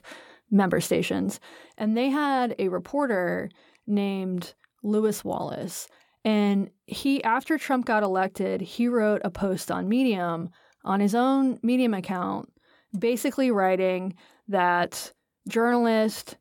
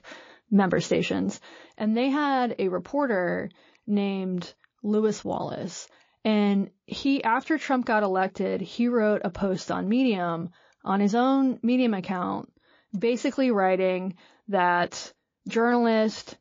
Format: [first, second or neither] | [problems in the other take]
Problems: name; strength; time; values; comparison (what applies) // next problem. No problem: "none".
first | garbled, watery; slightly